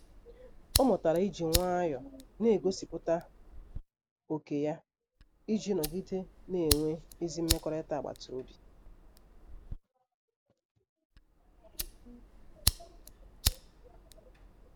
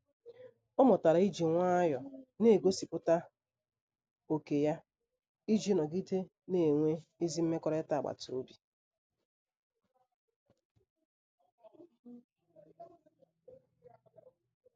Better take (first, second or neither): second